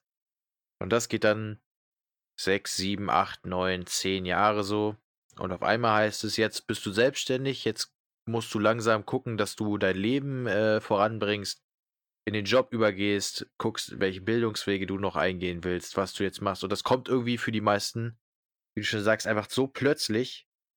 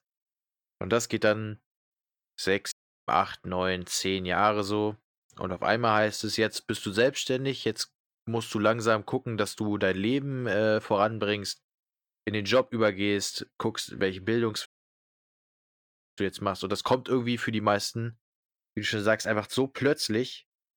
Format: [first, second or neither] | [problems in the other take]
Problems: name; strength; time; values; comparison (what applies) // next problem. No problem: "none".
first | audio cutting out; at 2.5 s and at 15 s for 1.5 s